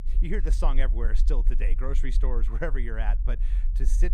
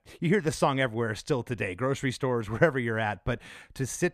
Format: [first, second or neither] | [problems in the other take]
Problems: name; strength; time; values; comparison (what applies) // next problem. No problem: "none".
second | low rumble; noticeable; throughout; 15 dB below the speech